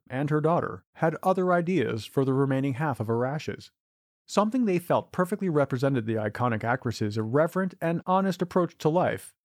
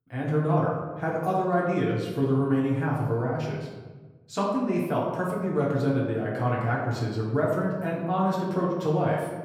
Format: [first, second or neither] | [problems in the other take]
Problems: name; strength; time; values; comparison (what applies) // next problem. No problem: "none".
first | room echo; noticeable; dies away in 1.2 s // off-mic speech; far